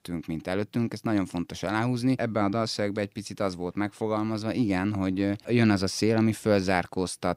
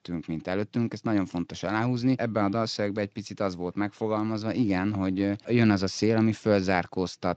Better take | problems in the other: first | garbled, watery; slightly

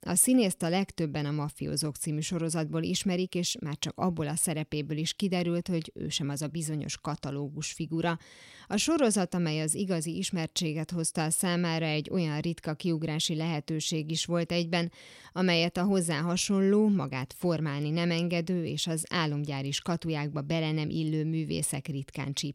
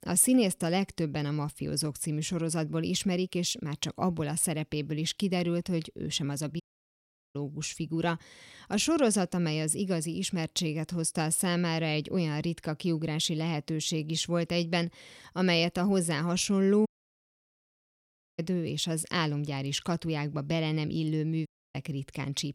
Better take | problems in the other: first | audio cutting out; at 6.5 s for 1 s, at 17 s for 1.5 s and at 21 s

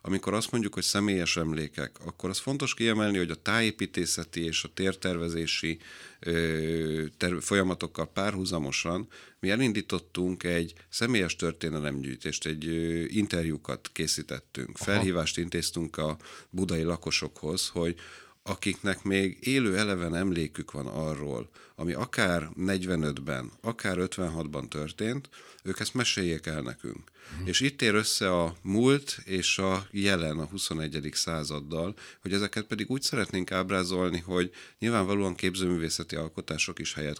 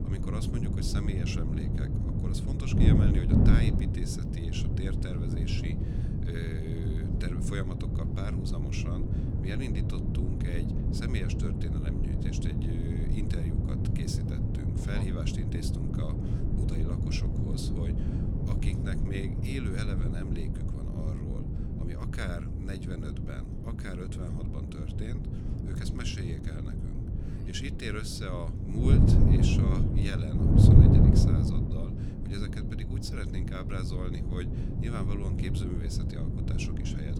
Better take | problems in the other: first | wind noise on the microphone; heavy; 3 dB above the speech

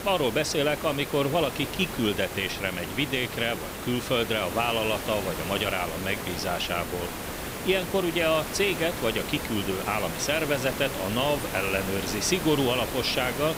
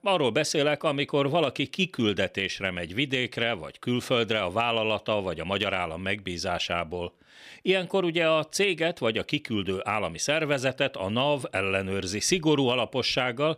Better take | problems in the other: second | hiss; loud; throughout; 6 dB below the speech

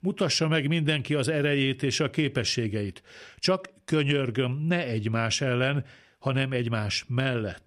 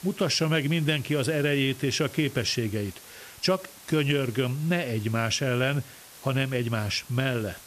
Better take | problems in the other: first | hiss; noticeable; throughout; 20 dB below the speech

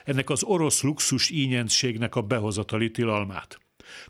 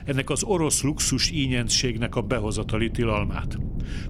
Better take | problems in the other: first | wind noise on the microphone; occasional gusts; 20 dB below the speech

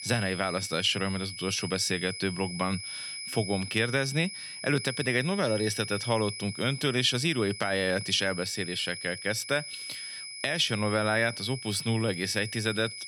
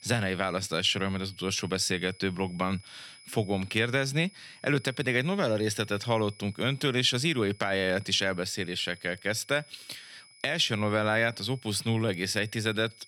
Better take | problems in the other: second | high-pitched whine; loud; throughout; 5 kHz, 9 dB below the speech; faint in the second

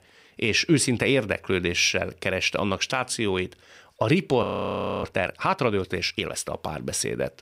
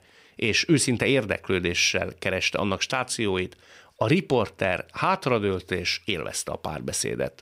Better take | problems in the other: second | audio freezing; at 4.5 s for 0.5 s

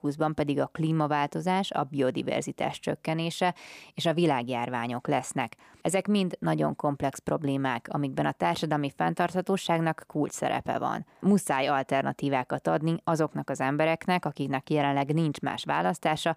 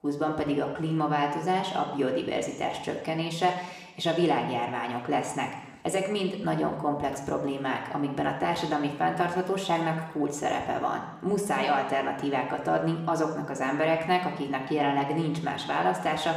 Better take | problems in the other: first | room echo; noticeable; dies away in 0.9 s // off-mic speech; somewhat distant

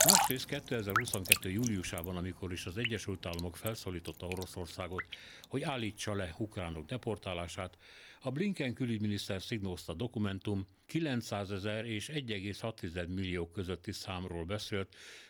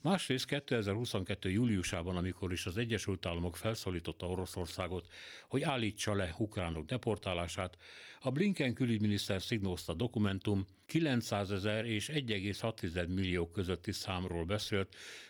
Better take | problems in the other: second | rain or running water; very loud; throughout; 5 dB above the speech

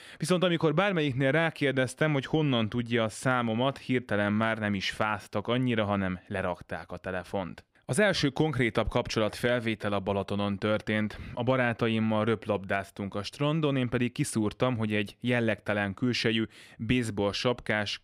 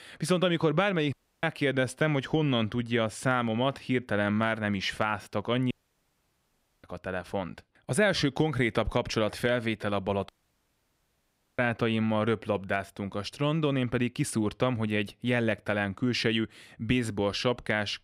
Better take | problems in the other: first | audio cutting out; at 1 s, at 5.5 s for 1 s and at 10 s for 1.5 s

